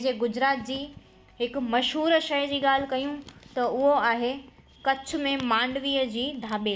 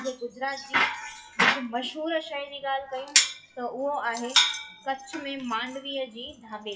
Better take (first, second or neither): first